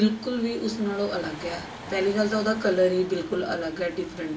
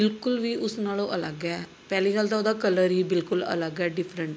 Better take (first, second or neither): second